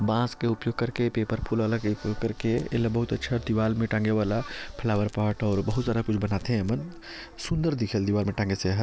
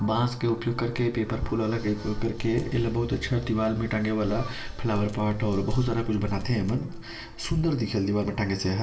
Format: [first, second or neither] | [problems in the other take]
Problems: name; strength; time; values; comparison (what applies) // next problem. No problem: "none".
first | room echo; dies away in 1.4 s